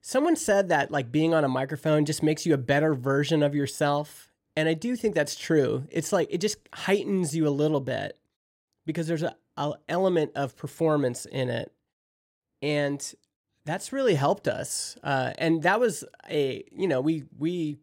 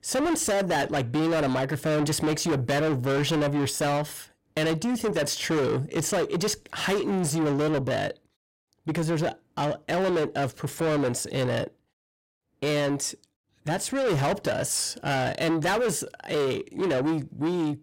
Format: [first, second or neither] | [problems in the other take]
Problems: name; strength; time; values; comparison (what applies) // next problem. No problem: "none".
first | distortion; heavy; 7 dB below the speech